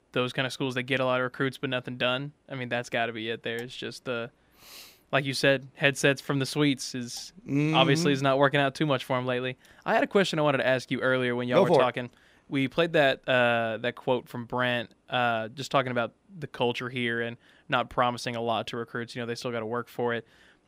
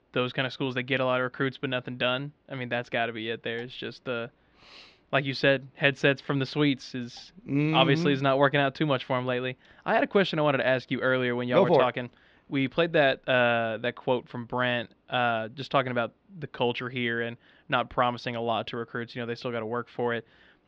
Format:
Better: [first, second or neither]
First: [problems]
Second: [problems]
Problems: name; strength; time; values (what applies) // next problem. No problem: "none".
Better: first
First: none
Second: muffled; very slightly; fading above 4.5 kHz